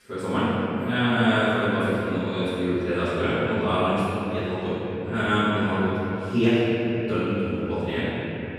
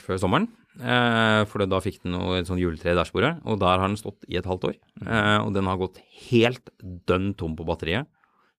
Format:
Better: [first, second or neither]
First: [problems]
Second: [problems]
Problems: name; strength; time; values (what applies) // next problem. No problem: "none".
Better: second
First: off-mic speech; far // room echo; strong; dies away in 3 s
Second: none